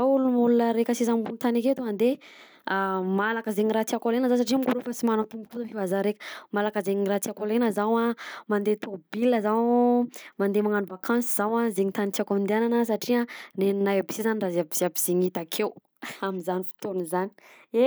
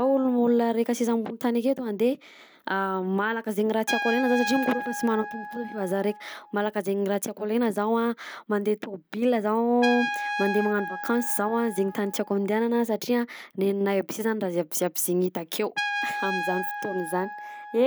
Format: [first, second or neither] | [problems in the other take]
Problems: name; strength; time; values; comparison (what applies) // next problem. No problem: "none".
first | background sound (Trumpet); 10 dB below the speech